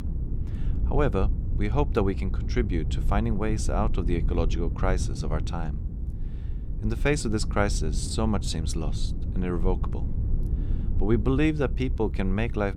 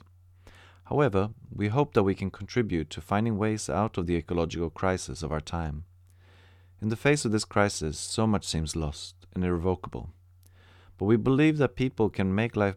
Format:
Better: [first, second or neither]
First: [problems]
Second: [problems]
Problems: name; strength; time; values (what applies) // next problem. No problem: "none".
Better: second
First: low rumble; noticeable; throughout; 15 dB below the speech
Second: none